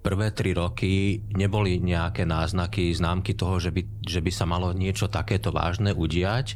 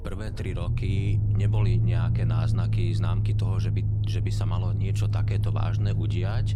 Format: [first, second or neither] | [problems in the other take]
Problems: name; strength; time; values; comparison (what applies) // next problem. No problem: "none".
first | low rumble; loud; throughout; as loud as the speech; faint in the first